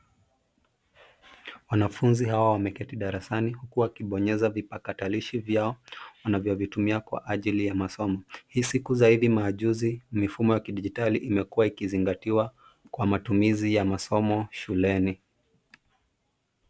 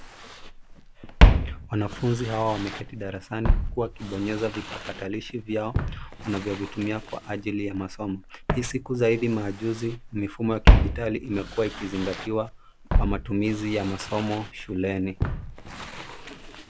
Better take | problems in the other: first | background sound (Walk, footsteps); 3 dB above the speech

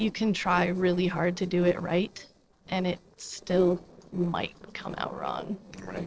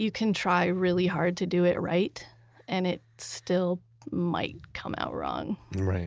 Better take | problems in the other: second | noise reduction (neural separator model SepFormer DNS4)

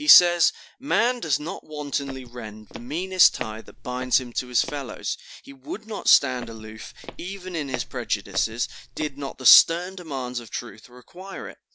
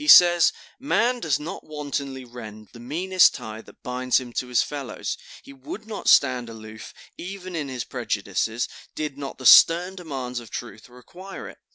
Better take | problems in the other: second | background sound (Walk, footsteps); 12 dB below the speech

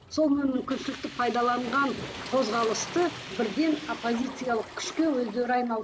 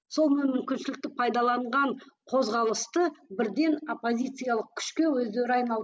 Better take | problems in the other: second | background sound (Waves, surf + Hiss); 13 dB below the speech

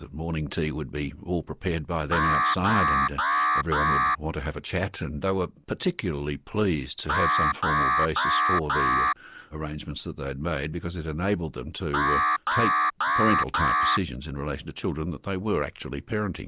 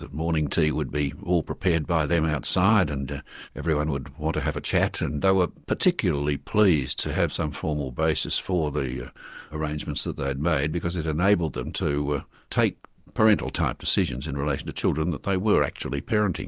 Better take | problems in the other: second | background sound (Alarm); 4 dB above the speech

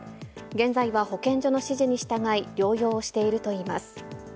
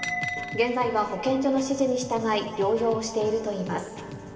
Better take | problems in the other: first | background sound (Bell); 13 dB below the speech // room echo; dies away in 2.3 s

